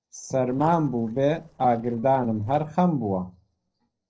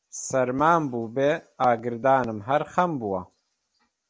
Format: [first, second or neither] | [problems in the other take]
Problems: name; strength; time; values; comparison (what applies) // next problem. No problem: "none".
second | noise reduction (neural separator model SepFormer DNS4)